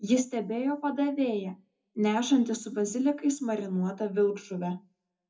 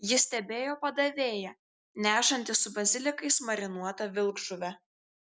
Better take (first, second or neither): second